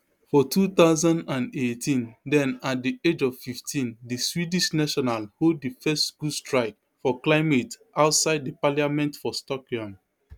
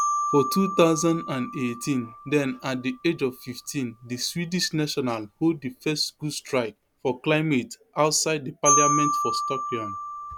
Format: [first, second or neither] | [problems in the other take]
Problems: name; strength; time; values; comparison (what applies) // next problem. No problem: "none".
first | background sound (Marimba, xylophone); 4 dB below the speech